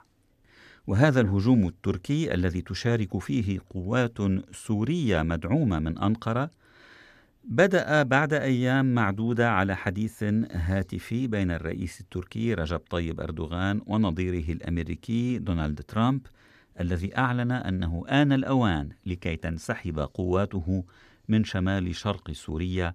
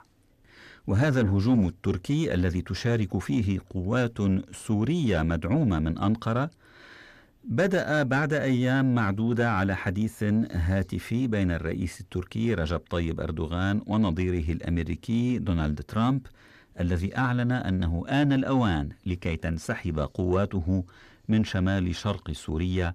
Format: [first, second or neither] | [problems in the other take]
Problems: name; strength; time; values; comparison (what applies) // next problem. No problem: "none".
first | distortion; slight; 10 dB below the speech